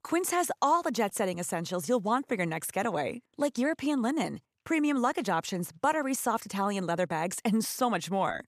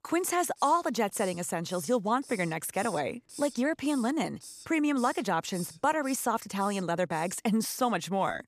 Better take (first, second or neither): first